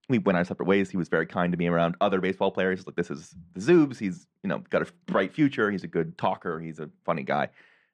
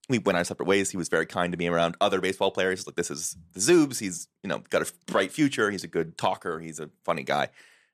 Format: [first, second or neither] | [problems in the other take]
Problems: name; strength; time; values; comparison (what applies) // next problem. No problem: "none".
second | muffled; very; fading above 2.5 kHz